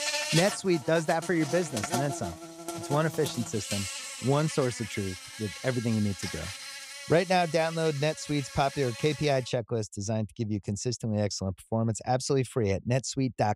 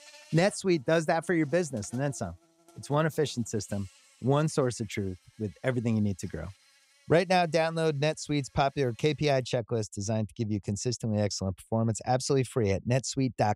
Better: second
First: animal sounds; loud; until 9.5 s; 8 dB below the speech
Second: animal sounds; faint; until 9.5 s; 30 dB below the speech

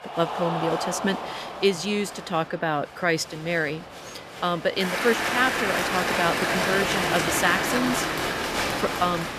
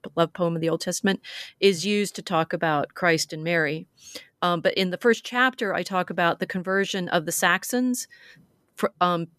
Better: second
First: crowd noise; very loud; throughout; as loud as the speech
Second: none

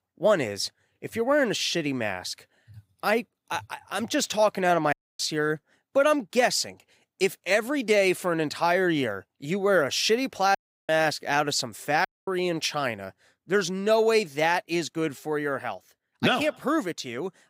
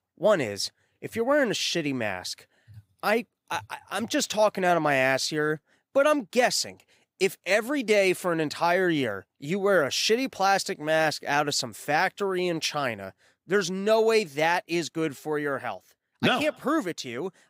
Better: second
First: audio cutting out; at 5 s, at 11 s and at 12 s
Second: none

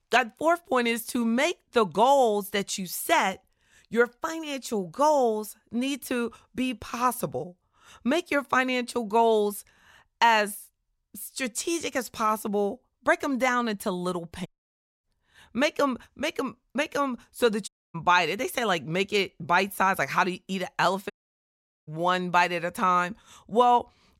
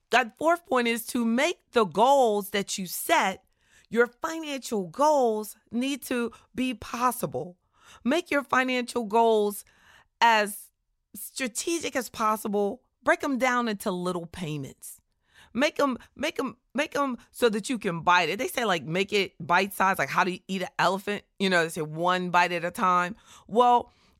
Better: second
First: audio cutting out; at 14 s for 0.5 s, at 18 s and at 21 s for 1 s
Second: none

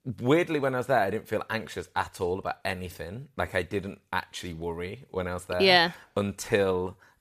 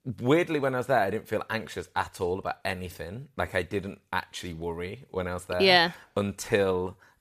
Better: neither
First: none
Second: none

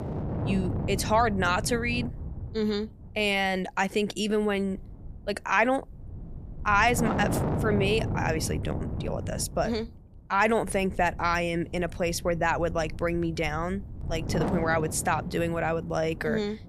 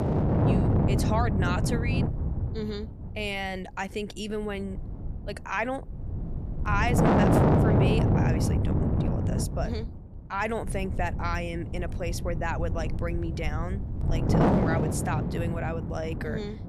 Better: first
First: wind noise on the microphone; occasional gusts; 10 dB below the speech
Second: wind noise on the microphone; heavy; 3 dB above the speech

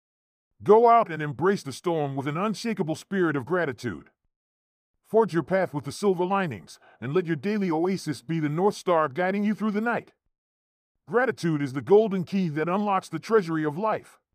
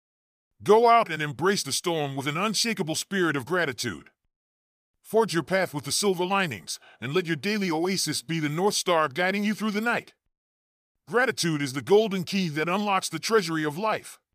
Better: second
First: muffled; slightly; fading above 2 kHz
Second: none

